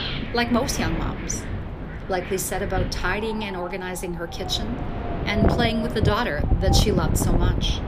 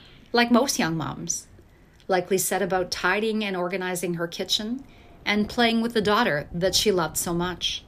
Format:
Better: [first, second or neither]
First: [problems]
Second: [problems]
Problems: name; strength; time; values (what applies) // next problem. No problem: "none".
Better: second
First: wind in the background; loud; throughout; as loud as the speech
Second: wind in the background; faint; throughout; 25 dB below the speech